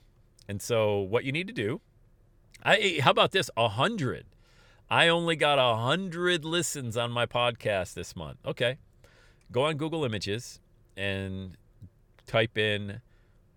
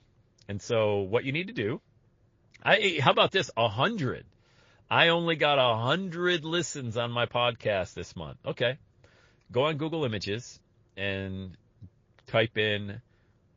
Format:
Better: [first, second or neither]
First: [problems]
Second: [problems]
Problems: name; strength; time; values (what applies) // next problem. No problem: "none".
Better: first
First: none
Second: garbled, watery; slightly